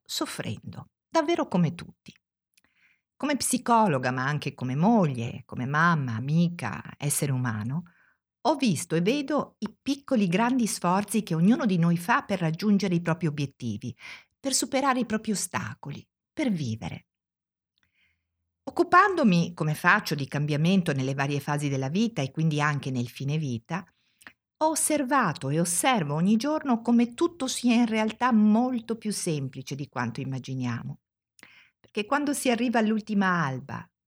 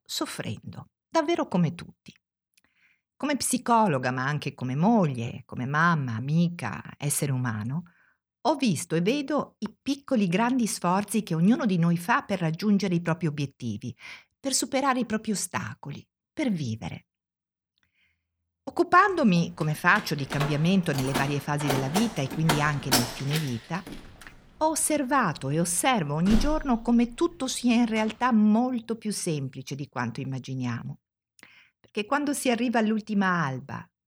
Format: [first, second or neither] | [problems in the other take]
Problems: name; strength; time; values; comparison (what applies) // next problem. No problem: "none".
first | door banging; loud; from 20 to 27 s; peak 1 dB above the speech